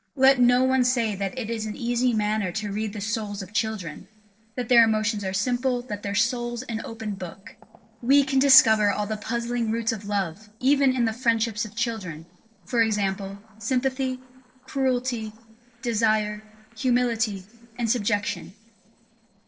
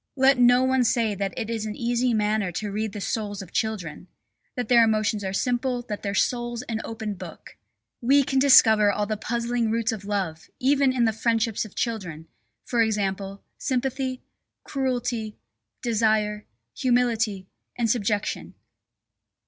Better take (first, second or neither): second